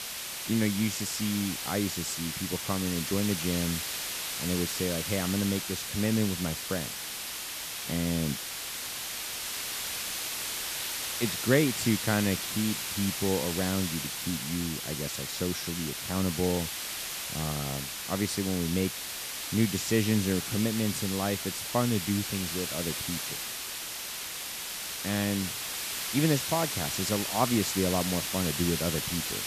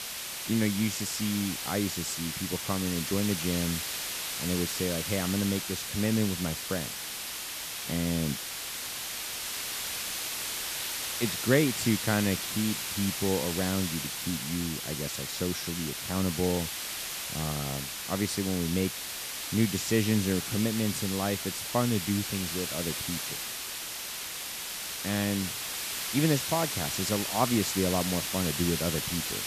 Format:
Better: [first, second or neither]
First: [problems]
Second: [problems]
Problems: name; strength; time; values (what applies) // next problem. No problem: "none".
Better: neither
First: hiss; loud; throughout; 2 dB below the speech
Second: hiss; loud; throughout; 2 dB below the speech